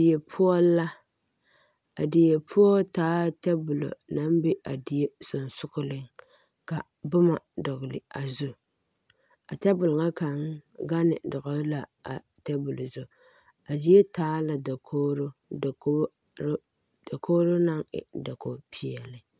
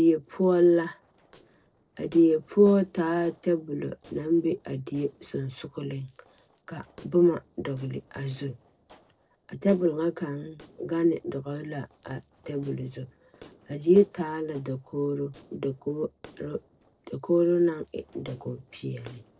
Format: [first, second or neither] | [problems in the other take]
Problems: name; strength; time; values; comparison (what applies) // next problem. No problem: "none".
first | noise reduction (neural separator model SepFormer DNS4)